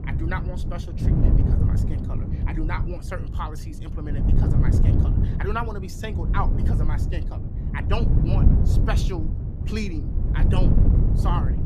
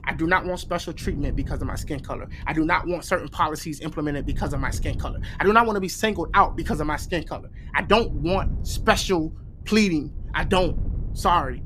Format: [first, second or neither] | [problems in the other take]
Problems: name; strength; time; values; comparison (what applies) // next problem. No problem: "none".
second | wind noise on the microphone; heavy; 2 dB below the speech; occasional gusts in the second